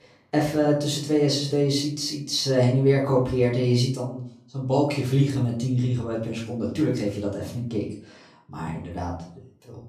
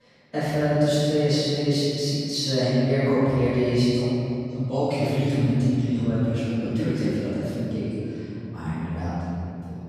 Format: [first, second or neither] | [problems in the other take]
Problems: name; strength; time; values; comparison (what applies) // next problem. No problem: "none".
first | room echo; strong; dies away in 2.9 s; slight in the first // off-mic speech; far; far in the first